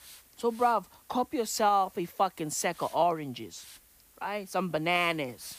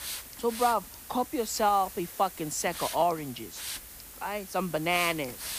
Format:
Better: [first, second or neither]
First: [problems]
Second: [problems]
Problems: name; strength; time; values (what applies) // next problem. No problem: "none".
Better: first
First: hiss; faint; throughout; 25 dB below the speech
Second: hiss; loud; throughout; 10 dB below the speech